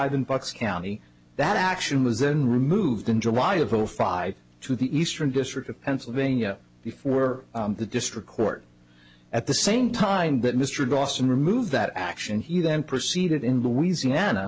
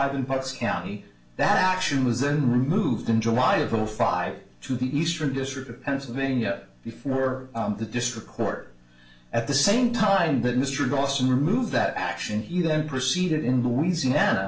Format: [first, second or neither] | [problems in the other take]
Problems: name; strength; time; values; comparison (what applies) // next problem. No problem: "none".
first | room echo; dies away in 0.4 s